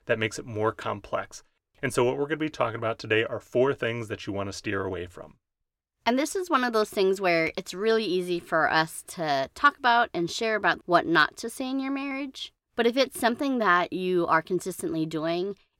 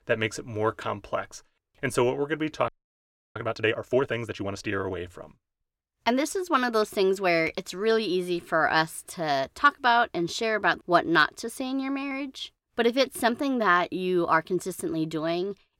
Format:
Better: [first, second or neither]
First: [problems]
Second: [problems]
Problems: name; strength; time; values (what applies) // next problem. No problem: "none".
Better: first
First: none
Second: audio freezing; at 2.5 s for 0.5 s